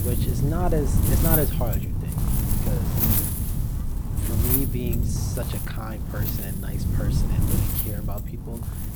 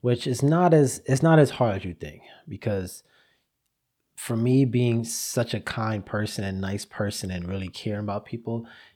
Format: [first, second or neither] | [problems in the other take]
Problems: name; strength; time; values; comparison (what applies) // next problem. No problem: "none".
second | wind noise on the microphone; heavy; as loud as the speech